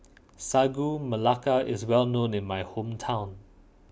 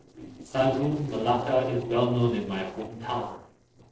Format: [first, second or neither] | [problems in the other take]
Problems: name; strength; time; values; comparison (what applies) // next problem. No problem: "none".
first | noise reduction (neural separator model SepFormer DNS4)